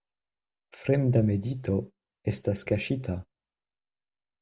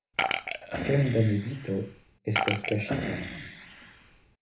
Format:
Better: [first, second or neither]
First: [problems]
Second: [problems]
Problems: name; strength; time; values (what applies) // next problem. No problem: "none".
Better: first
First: none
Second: background sound (Burping, eructation); 3 dB below the speech // room echo; dies away in 0.3 s